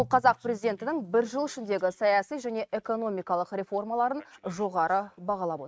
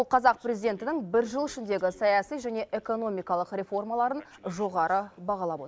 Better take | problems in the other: second | noise reduction (neural mask model RNNoise)

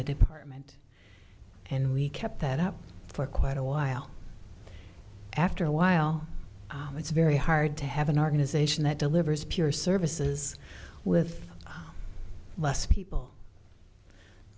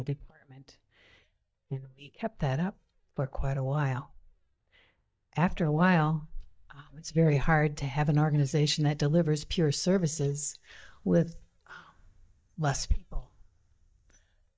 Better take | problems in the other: first | noise reduction (neural mask model DeepFilterNet 3)

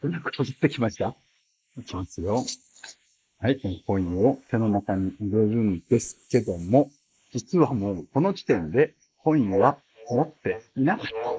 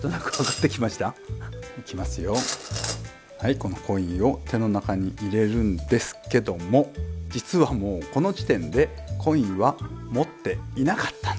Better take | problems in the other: second | noise reduction (neural mask model Resemble Enhance denoiser)

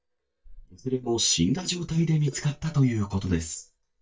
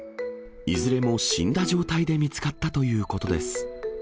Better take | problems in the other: second | noise reduction (neural mask model DeepFilterNet 3)

